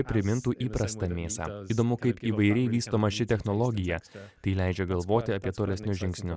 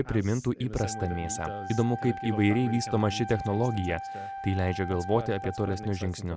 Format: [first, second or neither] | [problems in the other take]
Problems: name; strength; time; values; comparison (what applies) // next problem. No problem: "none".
first | background sound (Wind instrument, woodwind instrument); 10 dB below the speech